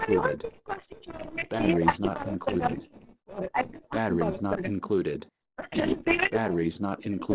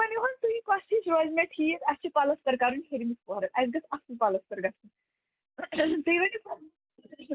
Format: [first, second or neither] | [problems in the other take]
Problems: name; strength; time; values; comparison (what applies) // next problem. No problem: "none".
second | noise reduction (neural separator model SepFormer DNS4)